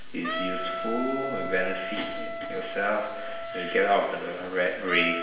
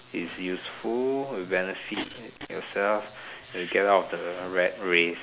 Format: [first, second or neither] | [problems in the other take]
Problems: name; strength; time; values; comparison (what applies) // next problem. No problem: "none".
second | background sound (Wind instrument, woodwind instrument); 6 dB below the speech // room echo; dies away in 0.9 s